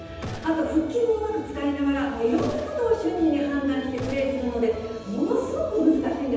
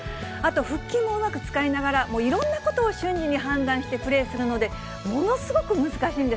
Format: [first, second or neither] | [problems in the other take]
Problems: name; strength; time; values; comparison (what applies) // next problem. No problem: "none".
second | background sound (Gunshot, gunfire); 17 dB below the speech // room echo; dies away in 1.1 s